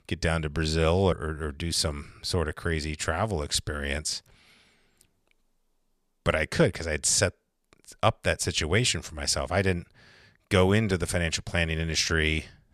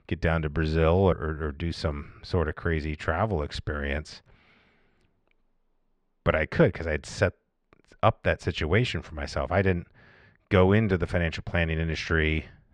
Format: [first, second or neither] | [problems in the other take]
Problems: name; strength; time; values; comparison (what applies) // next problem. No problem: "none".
first | muffled; very; fading above 2 kHz